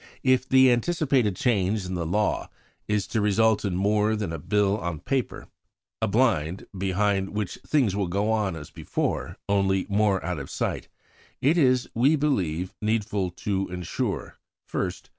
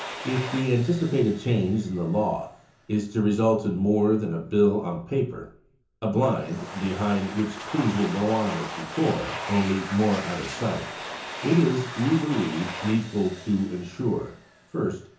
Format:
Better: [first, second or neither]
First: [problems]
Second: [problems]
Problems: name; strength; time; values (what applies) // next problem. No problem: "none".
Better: first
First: none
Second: background sound (Domestic sounds, home sounds); 13 dB below the speech // room echo; dies away in 0.6 s